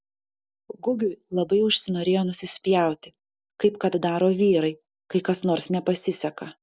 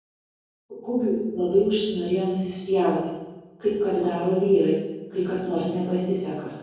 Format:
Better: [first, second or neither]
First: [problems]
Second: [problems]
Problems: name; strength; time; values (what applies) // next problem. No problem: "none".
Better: first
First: none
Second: room echo; dies away in 1.3 s